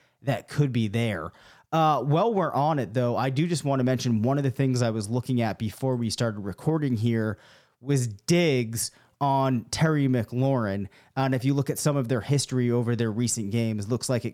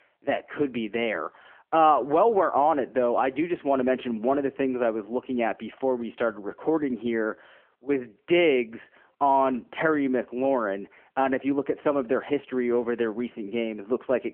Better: first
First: none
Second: phone-call audio; nothing above 3 kHz

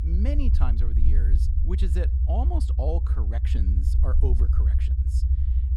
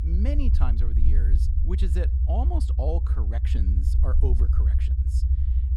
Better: neither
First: low rumble; loud; throughout; 4 dB below the speech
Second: low rumble; loud; throughout; 4 dB below the speech

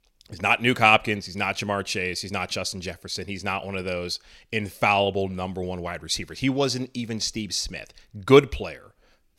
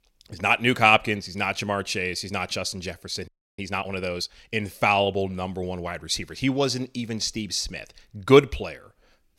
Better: first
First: none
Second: audio freezing; at 3.5 s

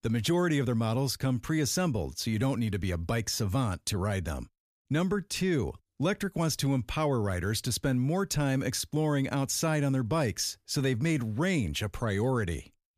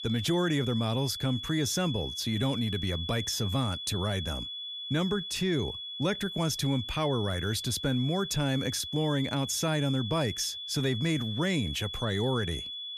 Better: first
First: none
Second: high-pitched whine; loud; throughout; 3.5 kHz, 6 dB below the speech

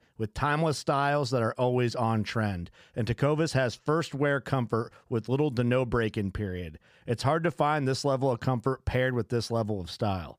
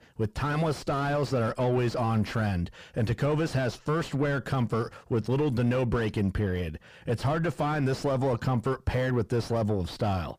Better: first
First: none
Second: distortion; heavy; 6 dB below the speech

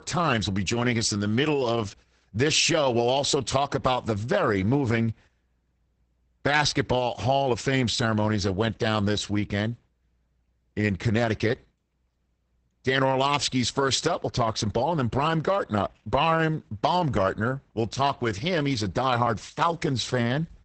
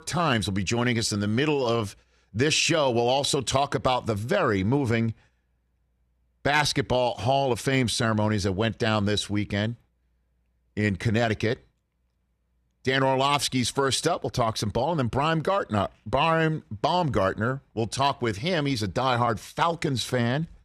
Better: second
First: garbled, watery; badly; nothing above 8 kHz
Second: none

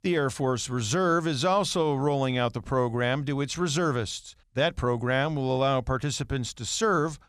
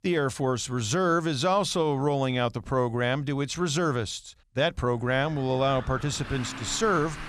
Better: first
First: none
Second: traffic noise; noticeable; from 5.5 s on; 15 dB below the speech

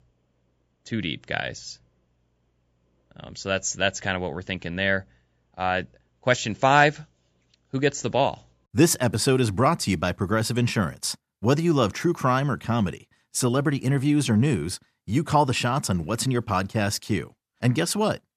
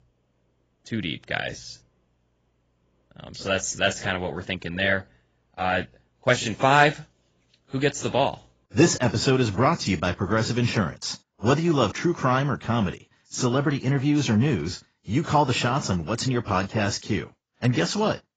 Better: first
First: none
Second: garbled, watery; badly; nothing above 7.5 kHz

